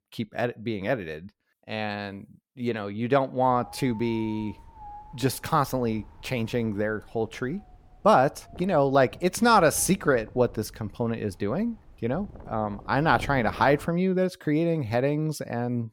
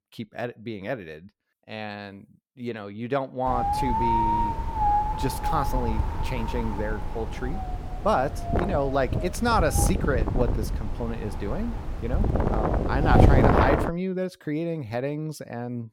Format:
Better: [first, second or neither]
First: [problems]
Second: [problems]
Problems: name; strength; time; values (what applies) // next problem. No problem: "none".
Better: first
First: wind noise on the microphone; occasional gusts; from 3.5 to 14 s; 20 dB below the speech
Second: wind noise on the microphone; heavy; from 3.5 to 14 s; 3 dB above the speech